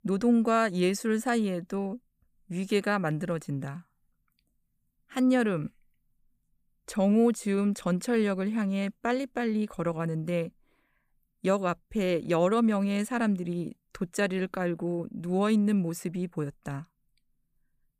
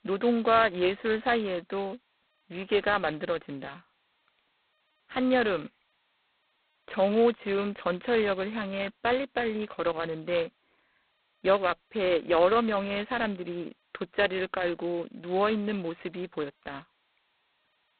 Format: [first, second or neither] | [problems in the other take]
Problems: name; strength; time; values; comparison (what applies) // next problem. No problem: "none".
first | phone-call audio; poor line; nothing above 4 kHz